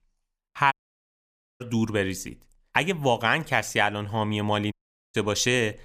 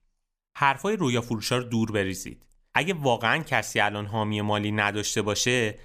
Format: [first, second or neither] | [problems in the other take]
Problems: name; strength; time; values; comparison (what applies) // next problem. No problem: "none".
second | audio cutting out; at 0.5 s for 1 s and at 4.5 s